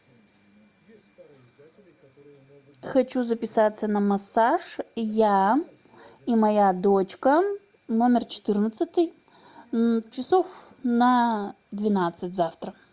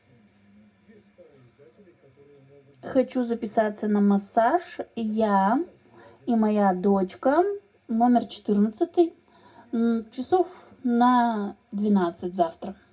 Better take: first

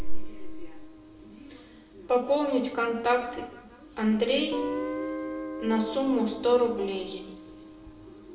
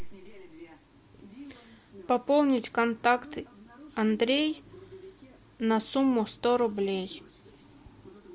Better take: second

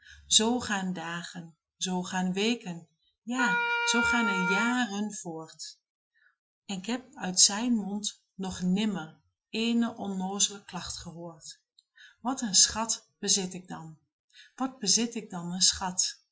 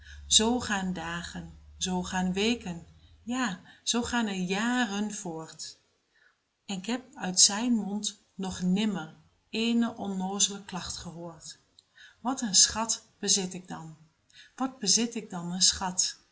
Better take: second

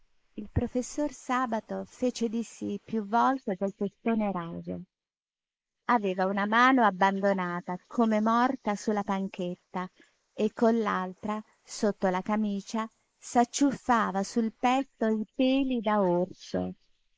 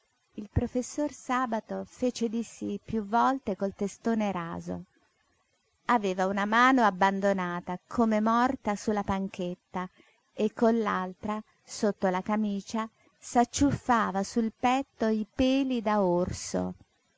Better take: second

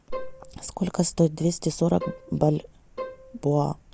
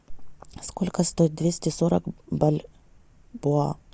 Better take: second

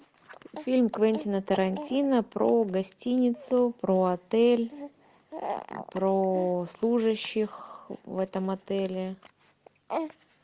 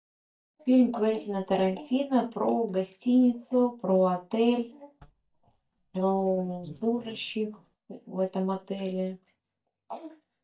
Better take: first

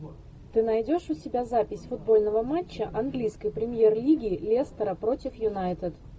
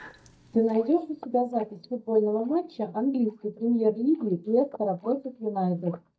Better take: first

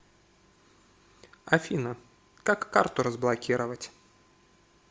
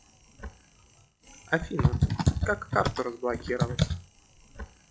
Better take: first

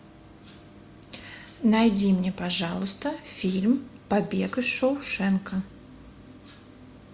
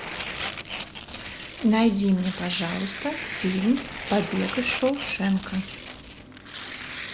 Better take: first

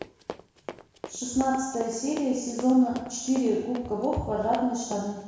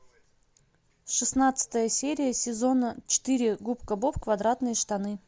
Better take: second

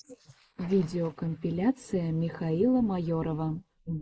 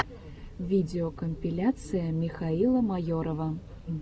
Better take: second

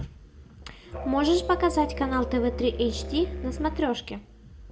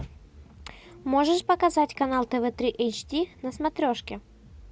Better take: second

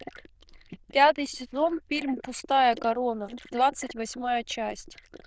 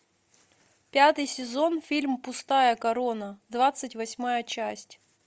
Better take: second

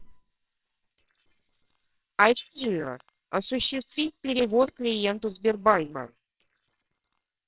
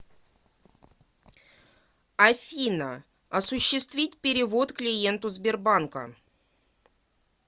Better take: second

